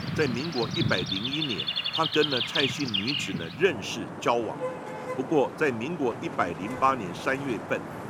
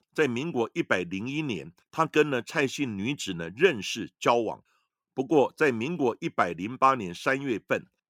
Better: second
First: traffic noise; loud; throughout; 2 dB below the speech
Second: none

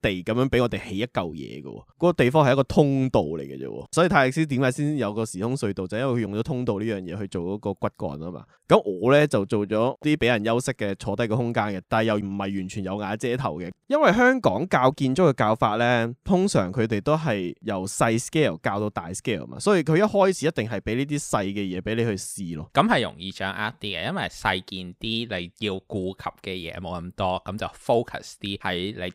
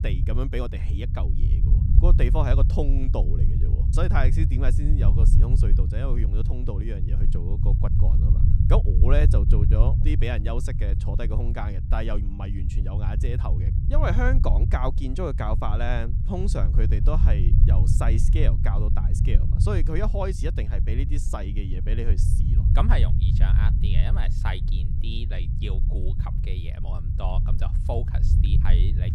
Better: first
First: none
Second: low rumble; loud; throughout; 6 dB below the speech

